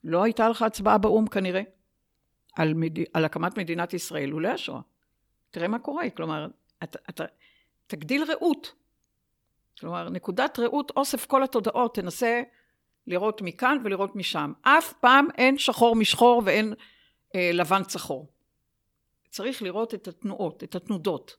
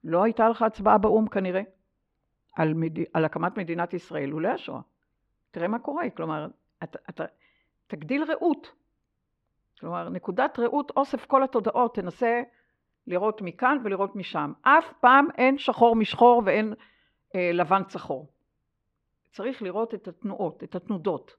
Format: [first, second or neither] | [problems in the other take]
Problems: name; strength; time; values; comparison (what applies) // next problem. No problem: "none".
first | muffled; very; fading above 2 kHz